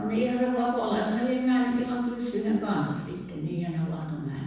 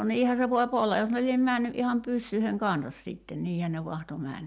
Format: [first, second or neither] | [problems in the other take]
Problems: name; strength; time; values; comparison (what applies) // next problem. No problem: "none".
second | room echo; dies away in 1.1 s